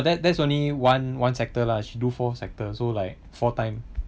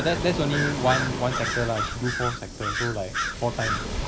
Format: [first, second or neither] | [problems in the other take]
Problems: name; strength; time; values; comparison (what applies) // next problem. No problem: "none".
first | background sound (Waves, surf + Bird vocalization, bird call, bird song); 1 dB below the speech